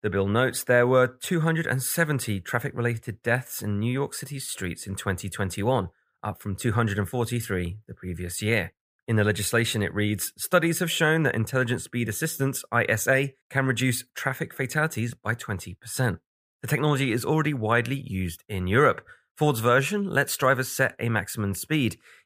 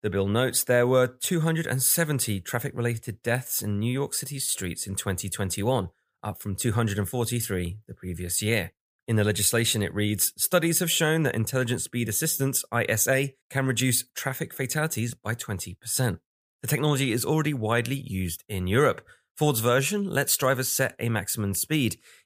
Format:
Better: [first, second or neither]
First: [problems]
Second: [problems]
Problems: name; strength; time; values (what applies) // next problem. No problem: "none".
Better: second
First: muffled; slightly; fading above 3.5 kHz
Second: none